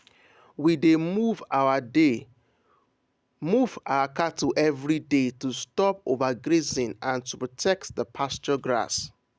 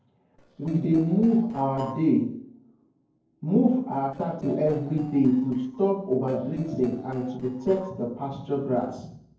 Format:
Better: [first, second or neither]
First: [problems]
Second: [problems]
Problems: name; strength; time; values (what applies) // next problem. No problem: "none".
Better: first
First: none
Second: noise reduction (neural separator model SepFormer DNS4)